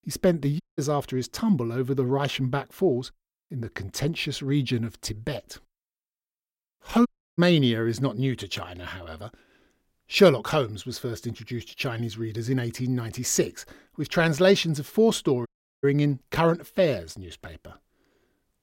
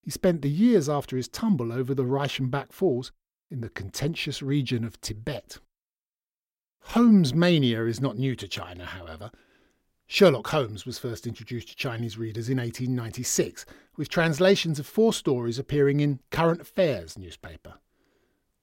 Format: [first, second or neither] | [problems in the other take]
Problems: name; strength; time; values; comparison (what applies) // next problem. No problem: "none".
second | audio cutting out; at 0.5 s, at 7 s and at 15 s